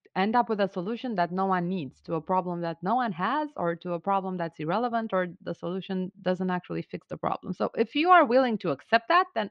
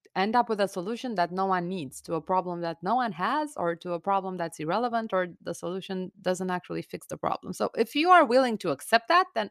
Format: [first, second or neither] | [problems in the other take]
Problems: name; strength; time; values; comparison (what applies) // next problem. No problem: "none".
second | muffled; very slightly; fading above 4 kHz